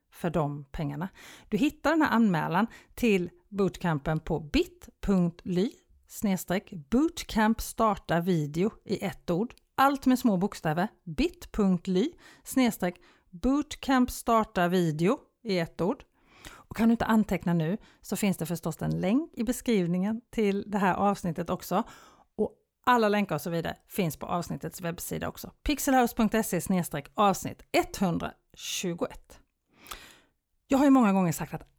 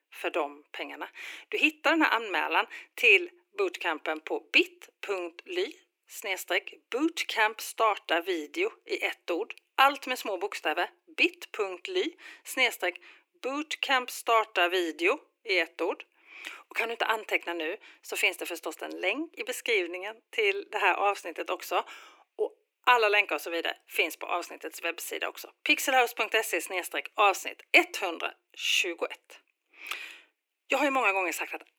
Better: first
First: none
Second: thin; very; fading below 300 Hz

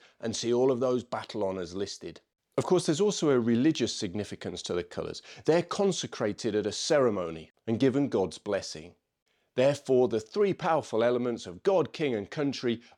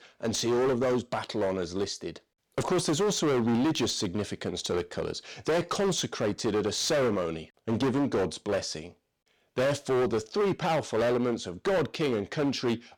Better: first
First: none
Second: distortion; heavy; 17% of the sound clipped

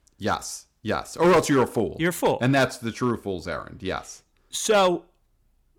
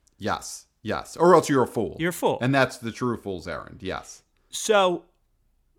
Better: second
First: distortion; slight; 3% of the sound clipped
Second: none

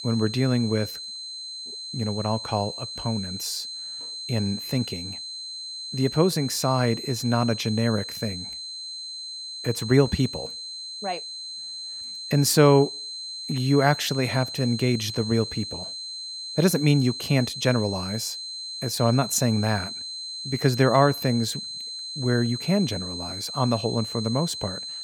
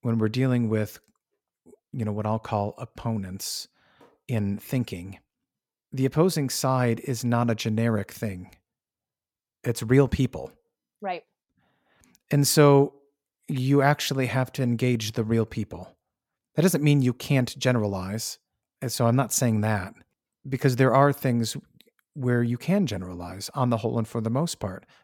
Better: second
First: high-pitched whine; loud; throughout; 4 kHz, 8 dB below the speech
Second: none

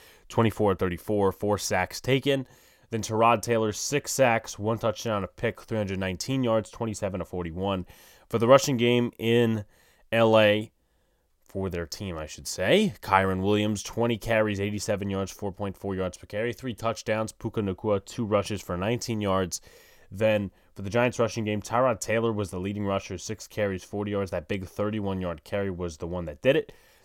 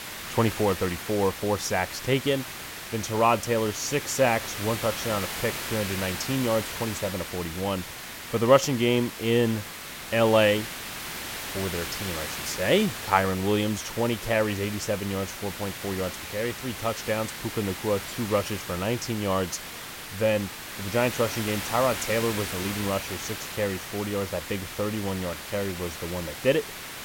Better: first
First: none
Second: hiss; loud; throughout; 7 dB below the speech

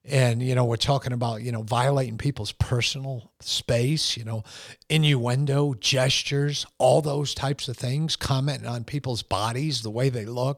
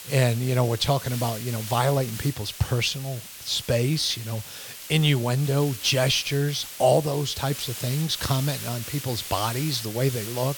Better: first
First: none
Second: hiss; noticeable; throughout; 10 dB below the speech

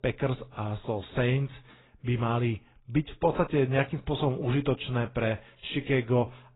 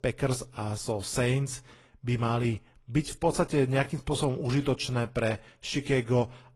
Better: second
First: garbled, watery; badly; nothing above 4 kHz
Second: garbled, watery; slightly; nothing above 11 kHz

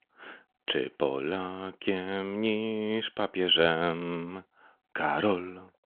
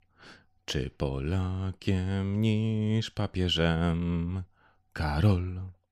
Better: second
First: phone-call audio; nothing above 3 kHz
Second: none

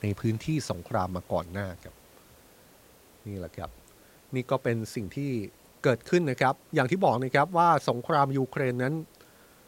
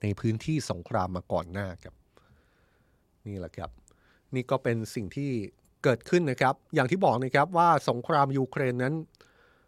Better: second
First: hiss; faint; throughout; 25 dB below the speech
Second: none

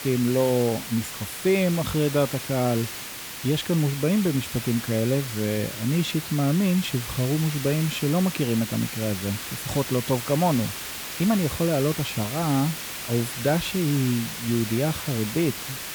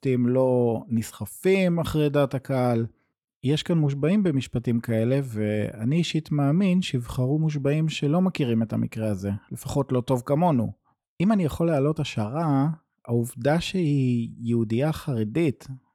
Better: second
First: hiss; loud; throughout; 7 dB below the speech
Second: none

